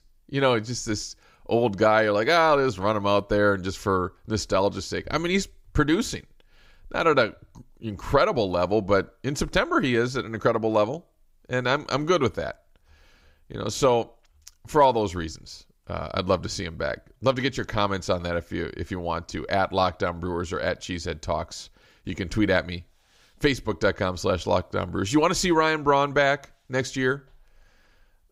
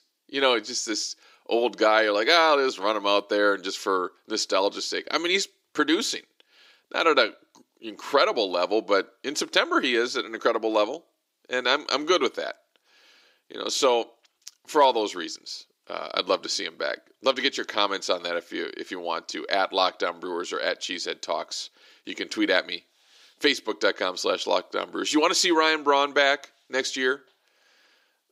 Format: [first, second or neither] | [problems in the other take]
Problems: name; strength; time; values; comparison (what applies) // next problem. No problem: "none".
first | thin; somewhat; fading below 300 Hz